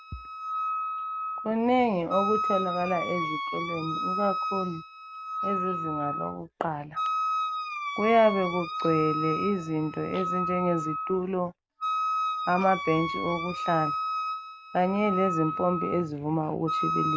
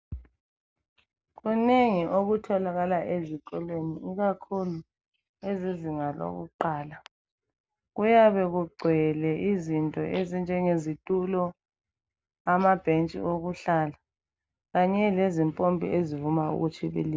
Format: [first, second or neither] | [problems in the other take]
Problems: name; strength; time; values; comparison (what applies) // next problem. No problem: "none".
second | background sound (Wind instrument, woodwind instrument); 3 dB below the speech